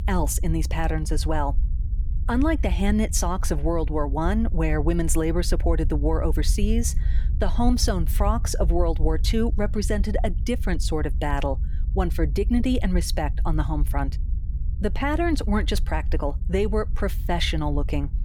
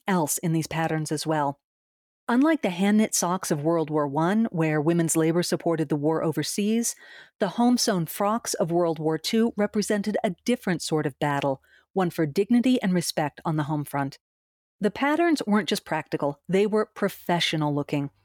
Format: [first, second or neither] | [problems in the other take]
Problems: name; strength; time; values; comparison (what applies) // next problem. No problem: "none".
second | low rumble; noticeable; throughout; 20 dB below the speech